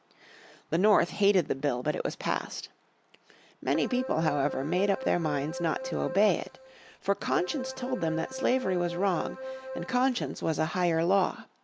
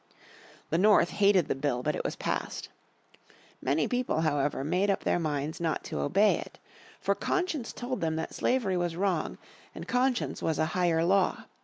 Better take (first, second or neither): second